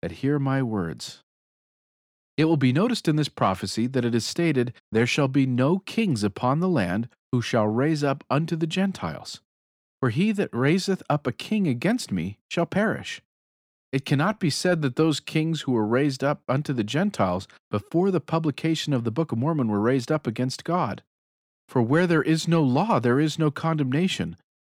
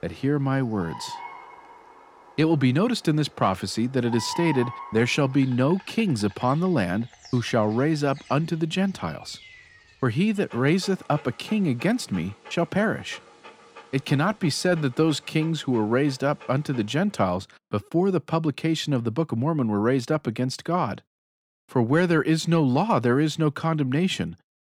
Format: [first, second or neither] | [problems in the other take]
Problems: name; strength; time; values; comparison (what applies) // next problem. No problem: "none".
first | animal sounds; noticeable; until 17 s; 20 dB below the speech